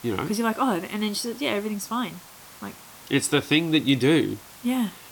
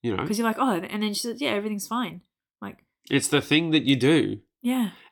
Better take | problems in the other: second | hiss; noticeable; throughout; 20 dB below the speech

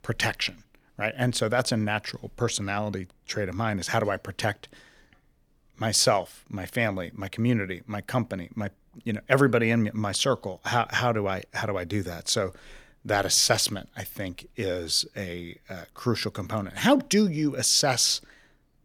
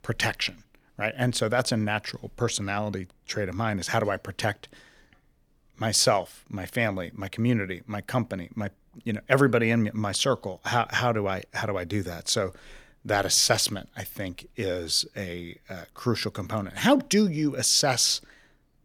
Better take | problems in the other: neither | none

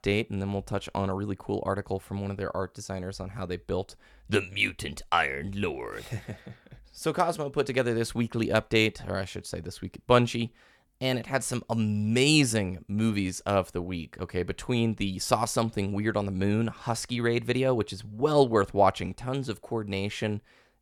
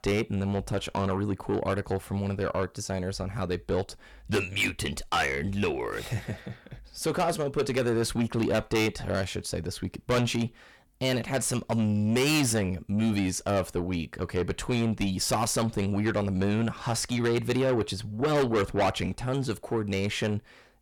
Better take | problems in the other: first | distortion; heavy; 6 dB below the speech

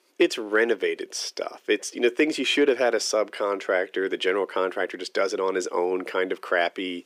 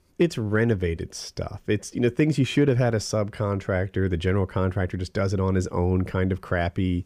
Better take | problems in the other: second | thin; very; fading below 300 Hz

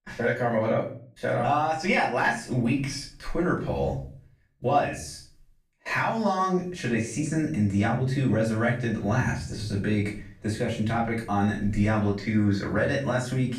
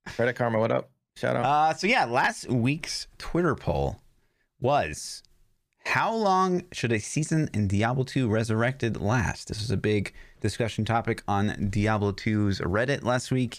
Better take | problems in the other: second | room echo; slight; dies away in 0.4 s // off-mic speech; far

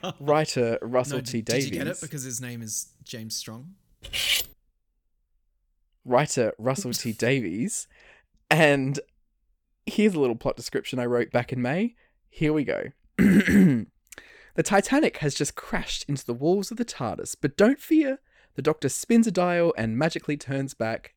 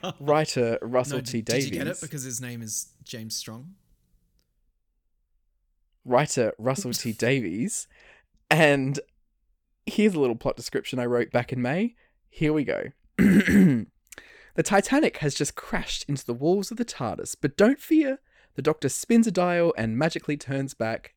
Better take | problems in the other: second | clattering dishes; loud; at 4 s; peak 2 dB above the speech

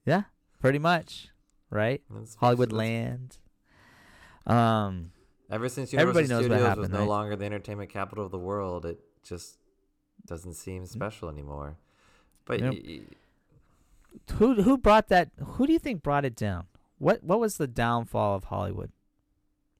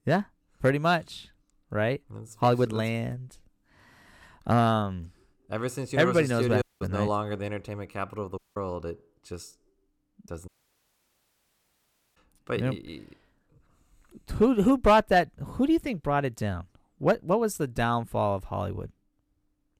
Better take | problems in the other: first | audio cutting out; at 6.5 s, at 8.5 s and at 10 s for 1.5 s

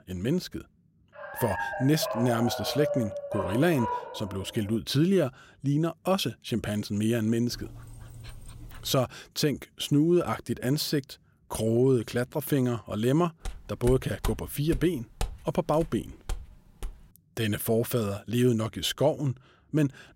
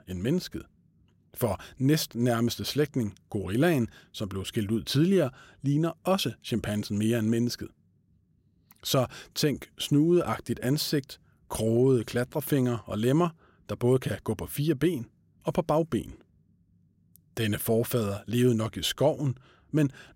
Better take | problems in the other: second | dog barking; noticeable; from 1 to 4.5 s; peak 3 dB below the speech // dog barking; faint; from 7.5 to 9 s; peak 20 dB below the speech // footsteps; noticeable; from 13 to 17 s; peak 10 dB below the speech

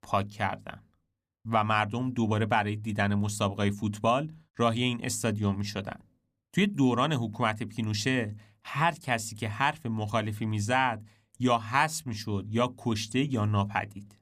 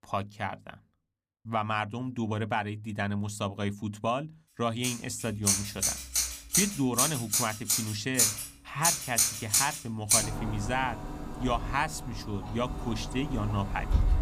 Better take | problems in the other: first | household noises; very loud; from 5 s on; 4 dB above the speech

